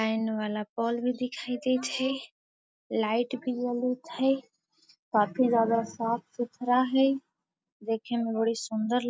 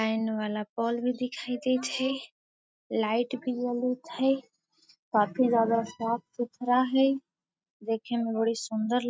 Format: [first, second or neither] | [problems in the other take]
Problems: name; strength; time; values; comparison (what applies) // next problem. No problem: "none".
first | noise reduction (neural mask model RNNoise)